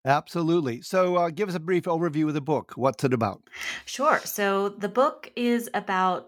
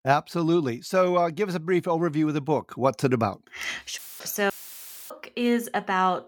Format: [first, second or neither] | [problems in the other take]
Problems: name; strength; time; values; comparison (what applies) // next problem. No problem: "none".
first | audio cutting out; filled with static; at 4 s and at 4.5 s for 0.5 s